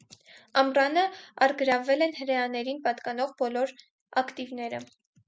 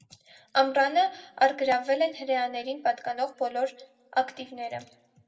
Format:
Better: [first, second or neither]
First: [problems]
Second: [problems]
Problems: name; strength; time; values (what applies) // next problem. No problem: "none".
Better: first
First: none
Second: room echo; dies away in 1.2 s